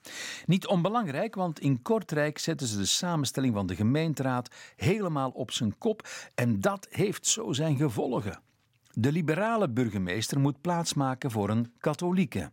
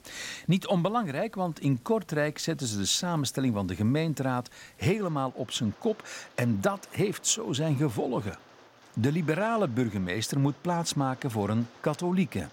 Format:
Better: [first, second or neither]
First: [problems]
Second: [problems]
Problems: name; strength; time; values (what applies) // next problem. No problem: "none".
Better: first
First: none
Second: rain or running water; faint; throughout; 25 dB below the speech